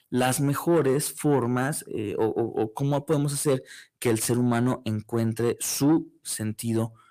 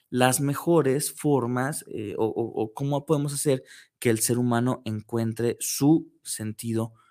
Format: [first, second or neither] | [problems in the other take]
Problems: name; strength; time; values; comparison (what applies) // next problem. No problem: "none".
second | distortion; slight; 10 dB below the speech